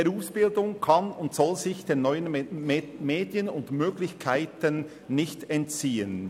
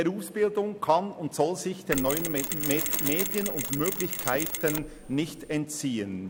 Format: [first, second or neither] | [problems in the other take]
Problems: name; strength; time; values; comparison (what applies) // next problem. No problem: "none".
first | background sound (Mechanisms); 3 dB below the speech